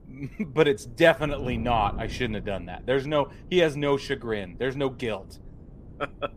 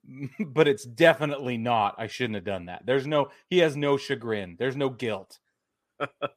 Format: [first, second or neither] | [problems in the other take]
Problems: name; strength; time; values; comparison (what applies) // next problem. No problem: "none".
second | wind noise on the microphone; occasional gusts; 25 dB below the speech